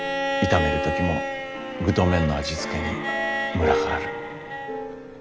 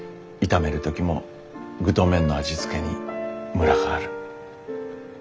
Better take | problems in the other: second | background sound (Bowed string instrument); 4 dB below the speech

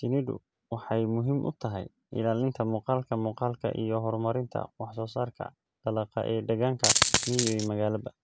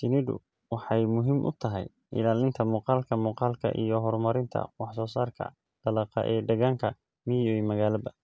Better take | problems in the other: second | background sound (Coin (dropping)); 4 dB above the speech

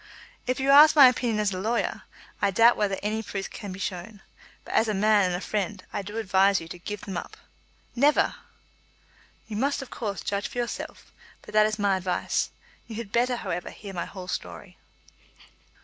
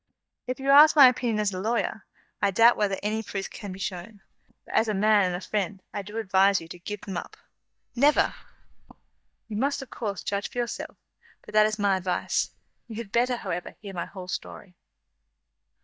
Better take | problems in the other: first | noise reduction (neural mask model DeepFilterNet 3)

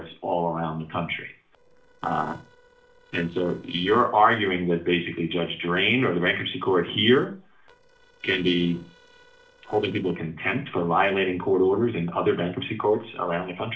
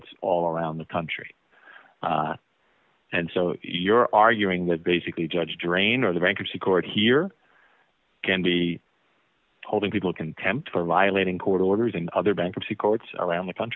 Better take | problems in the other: second | noise reduction (neural separator model SepFormer DNS4)

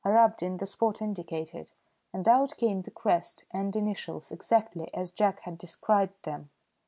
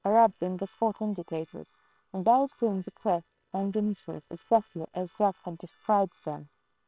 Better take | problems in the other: first | noise reduction (neural separator model SepFormer WHAM!)

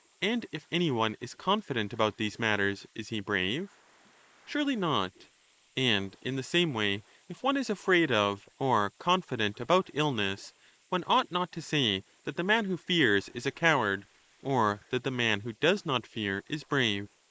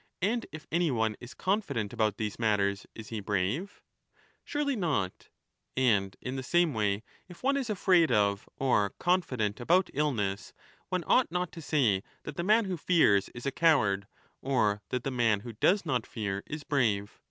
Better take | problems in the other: second | noise reduction (neural mask model Resemble Enhance denoiser)

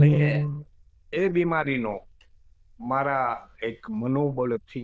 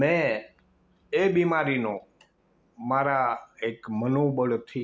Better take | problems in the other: second | noise reduction (neural diffusion model UNIVERSE++)

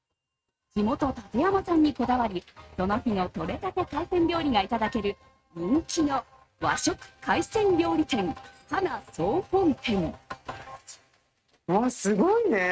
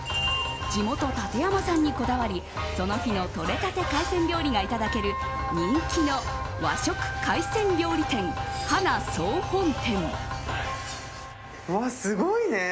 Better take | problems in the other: second | noise reduction (neural mask model RNNoise)

